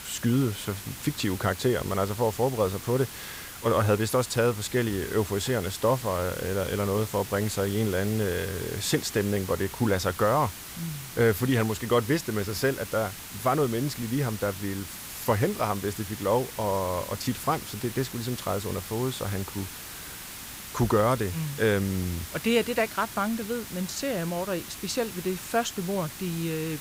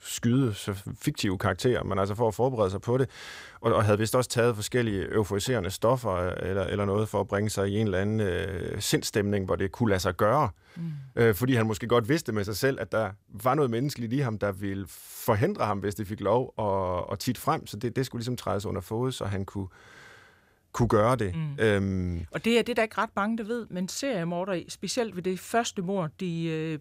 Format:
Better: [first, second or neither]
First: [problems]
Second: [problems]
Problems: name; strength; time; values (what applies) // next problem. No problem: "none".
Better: second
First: hiss; noticeable; throughout; 10 dB below the speech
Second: none